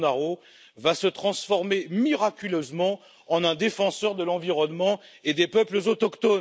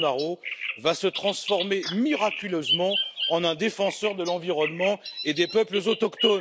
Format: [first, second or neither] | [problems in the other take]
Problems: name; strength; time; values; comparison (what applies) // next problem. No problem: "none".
first | background sound (Bird vocalization, bird call, bird song); 7 dB below the speech